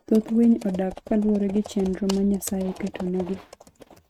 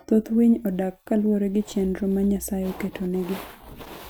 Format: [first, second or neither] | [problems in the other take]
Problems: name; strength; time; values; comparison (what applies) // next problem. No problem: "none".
second | noise reduction (neural mask model RNNoise)